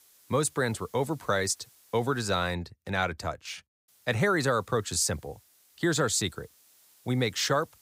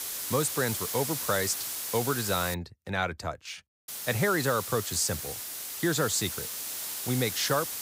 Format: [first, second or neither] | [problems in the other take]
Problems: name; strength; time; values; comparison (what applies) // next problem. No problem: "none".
first | hiss; loud; until 2.5 s and from 4 s on; 3 dB below the speech; faint in the first